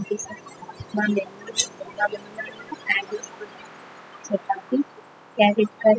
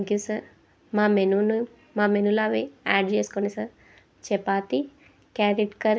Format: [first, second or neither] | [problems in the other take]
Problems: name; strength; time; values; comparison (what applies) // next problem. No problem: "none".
second | noise reduction (classical method spectral subtraction)